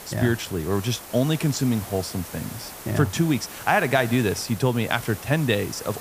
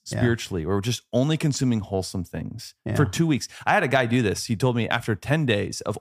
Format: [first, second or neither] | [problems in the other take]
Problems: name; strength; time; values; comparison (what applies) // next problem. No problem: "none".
second | hiss; noticeable; throughout; 15 dB below the speech